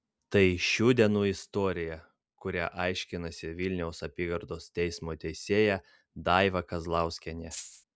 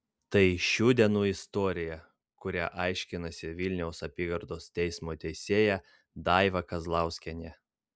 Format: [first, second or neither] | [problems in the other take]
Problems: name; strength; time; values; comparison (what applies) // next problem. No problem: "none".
second | background sound (Rattle (instrument)); 13 dB below the speech